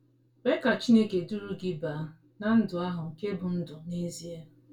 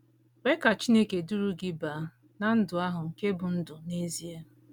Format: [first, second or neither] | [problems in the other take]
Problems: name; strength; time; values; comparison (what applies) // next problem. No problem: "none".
second | room echo; dies away in 0.2 s